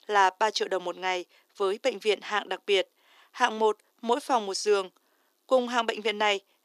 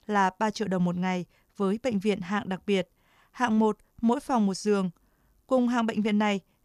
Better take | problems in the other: second | thin; very; fading below 300 Hz

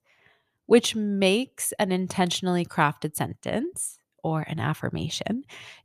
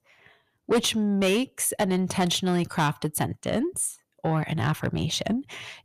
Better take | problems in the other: first | distortion; heavy; 7 dB below the speech

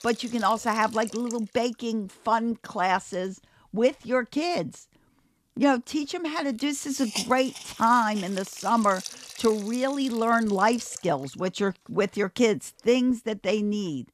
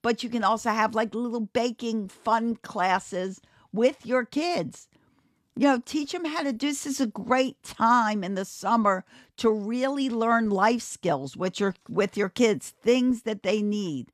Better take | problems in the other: second | hiss; noticeable; throughout; 15 dB below the speech

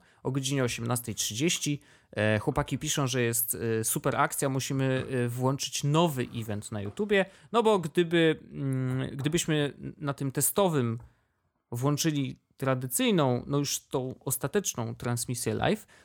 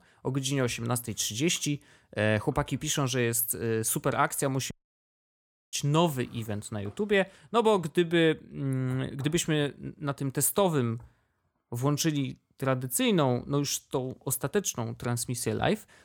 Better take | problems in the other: first | audio cutting out; at 4.5 s for 1 s

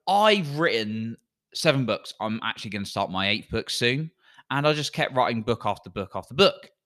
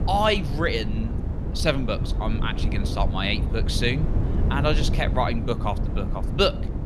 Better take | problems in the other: first | wind noise on the microphone; occasional gusts; 10 dB below the speech

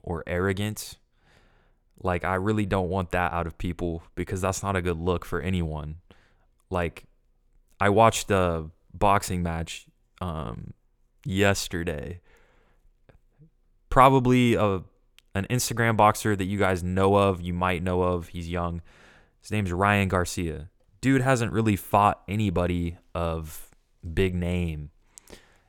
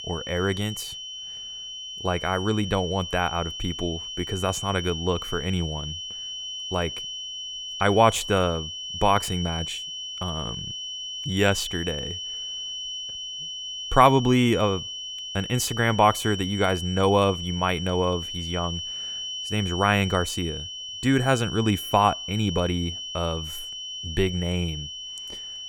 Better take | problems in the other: first | high-pitched whine; loud; throughout; 3 kHz, 7 dB below the speech

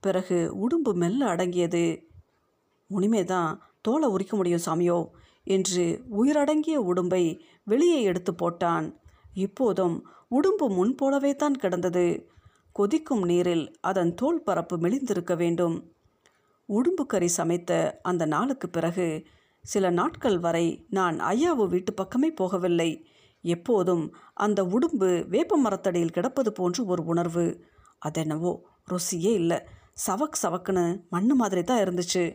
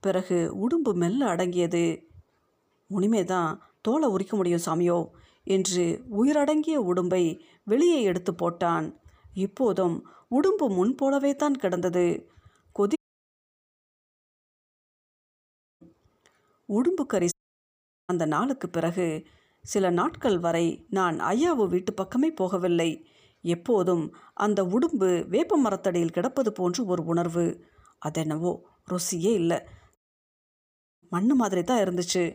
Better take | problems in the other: first | audio cutting out; at 13 s for 3 s, at 17 s for 1 s and at 30 s for 1 s

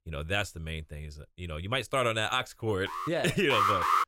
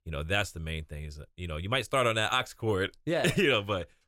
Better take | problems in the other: second | alarm; noticeable; at 3 s; peak 8 dB below the speech // alarm; loud; at 3.5 s; peak 5 dB above the speech

